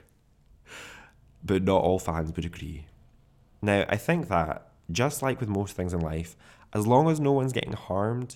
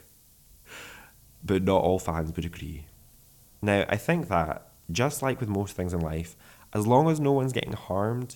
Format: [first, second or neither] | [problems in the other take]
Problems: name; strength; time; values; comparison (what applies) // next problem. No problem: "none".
first | hiss; faint; throughout; 30 dB below the speech